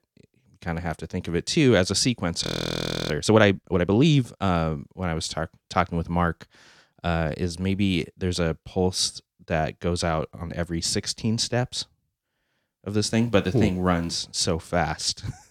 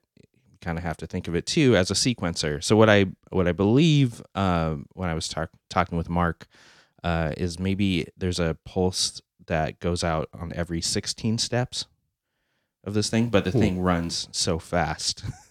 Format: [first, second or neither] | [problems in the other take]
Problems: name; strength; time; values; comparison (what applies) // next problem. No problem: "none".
second | audio freezing; at 2.5 s for 0.5 s